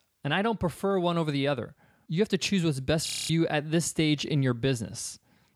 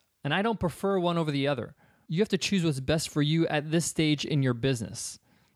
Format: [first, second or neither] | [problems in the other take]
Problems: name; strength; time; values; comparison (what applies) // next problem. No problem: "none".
second | audio freezing; at 3 s